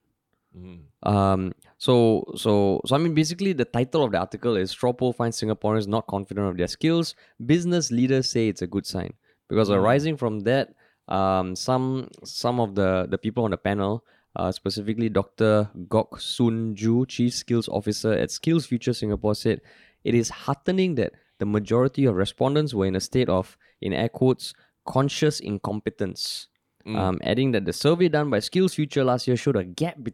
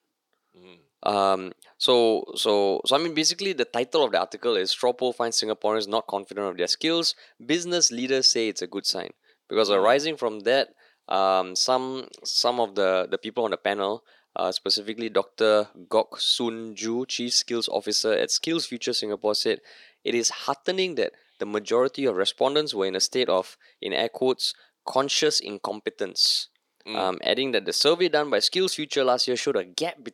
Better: first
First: none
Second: thin; somewhat; fading below 450 Hz

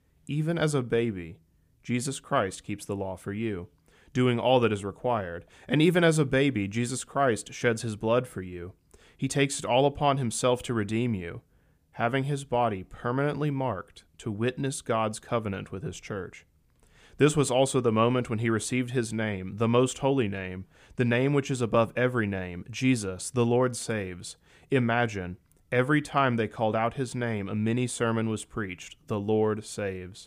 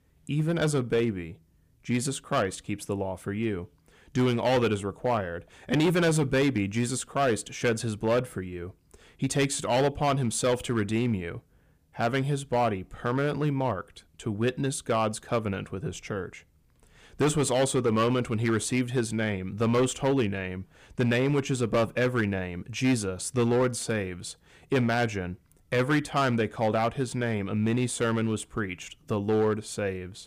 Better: first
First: none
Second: distortion; slight; 5% of the sound clipped

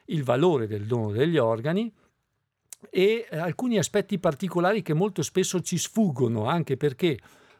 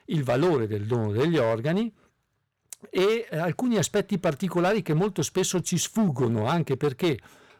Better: first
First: none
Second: distortion; slight; 11% of the sound clipped

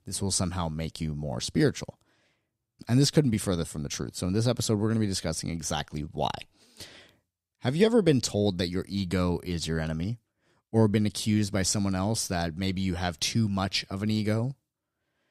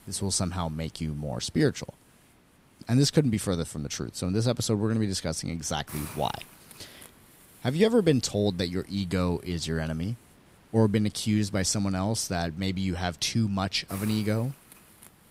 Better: first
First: none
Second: hiss; faint; throughout; 25 dB below the speech

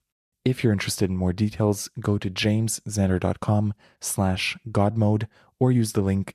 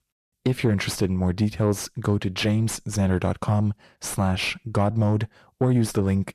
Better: first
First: none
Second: distortion; slight; 10 dB below the speech

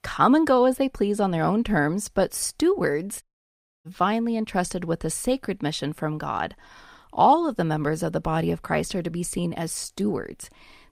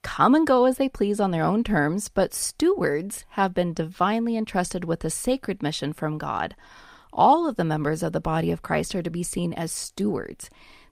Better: second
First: audio cutting out; at 3 s for 0.5 s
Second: none

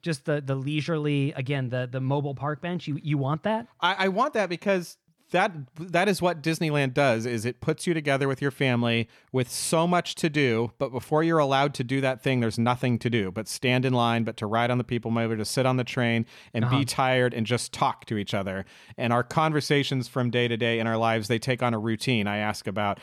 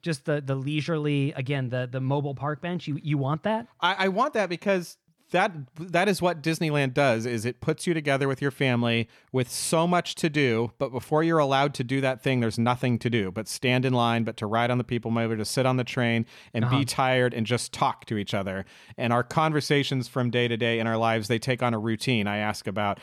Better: neither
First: none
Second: none

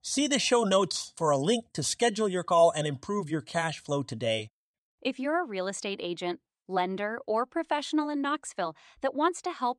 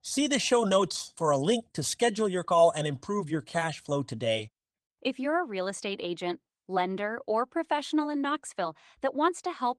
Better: first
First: none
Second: garbled, watery; slightly

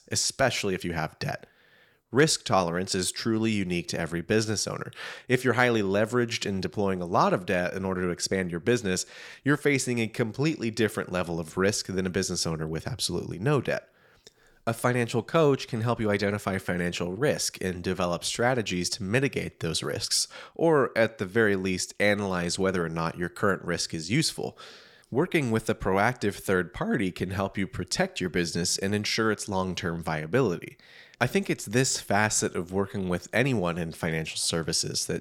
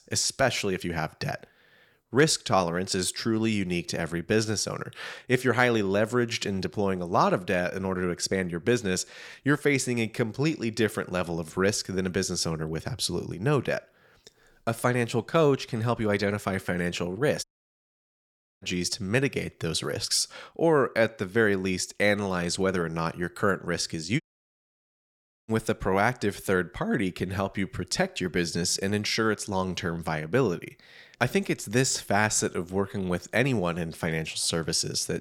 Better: first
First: none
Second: audio cutting out; at 17 s for 1 s and at 24 s for 1.5 s

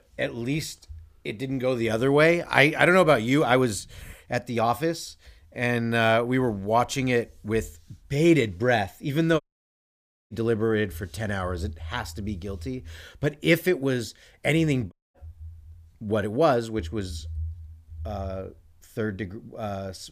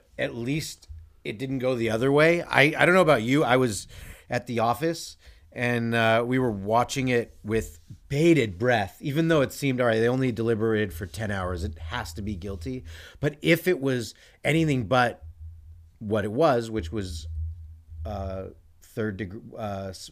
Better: second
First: audio cutting out; at 9.5 s for 1 s and at 15 s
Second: none

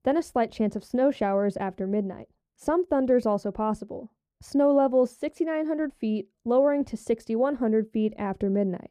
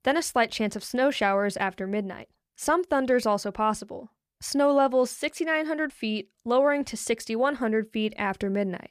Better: second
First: muffled; slightly; fading above 1 kHz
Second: none

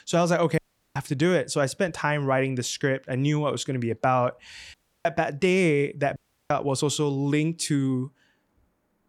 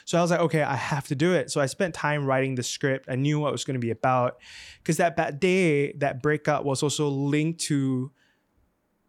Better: second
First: audio cutting out; at 0.5 s, at 4.5 s and at 6 s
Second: none

